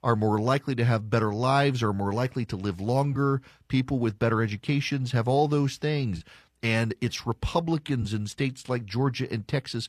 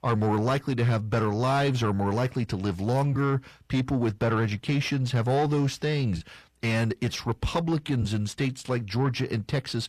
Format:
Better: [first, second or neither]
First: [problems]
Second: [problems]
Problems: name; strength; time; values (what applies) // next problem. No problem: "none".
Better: first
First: none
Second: distortion; slight; 10 dB below the speech